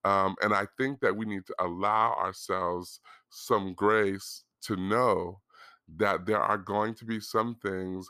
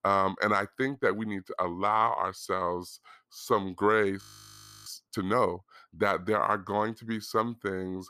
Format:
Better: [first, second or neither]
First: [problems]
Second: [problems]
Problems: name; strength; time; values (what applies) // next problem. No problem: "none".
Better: first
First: none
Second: audio freezing; at 4 s for 0.5 s